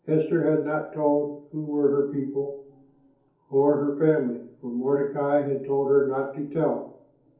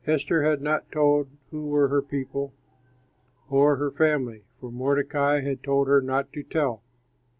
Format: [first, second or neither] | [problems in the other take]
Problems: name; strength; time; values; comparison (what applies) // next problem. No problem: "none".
second | room echo; dies away in 0.6 s